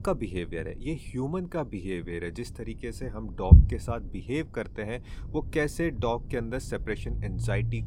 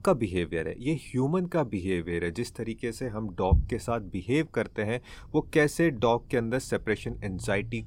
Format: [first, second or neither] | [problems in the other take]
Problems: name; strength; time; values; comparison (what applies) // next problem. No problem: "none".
second | low rumble; loud; throughout; 7 dB below the speech; faint in the second